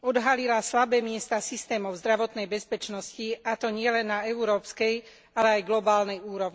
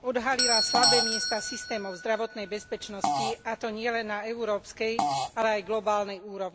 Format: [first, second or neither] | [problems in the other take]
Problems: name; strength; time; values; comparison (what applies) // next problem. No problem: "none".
first | background sound (Fart + Doorbell); 1 dB below the speech